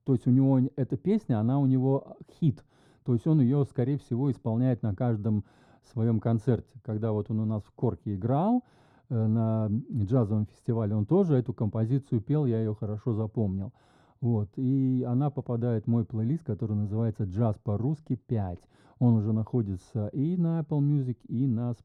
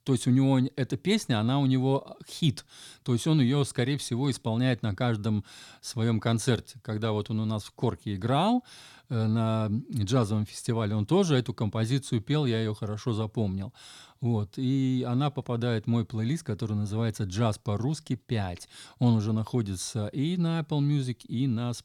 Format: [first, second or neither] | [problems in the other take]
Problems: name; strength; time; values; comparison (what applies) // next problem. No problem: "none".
second | muffled; very; fading above 1.5 kHz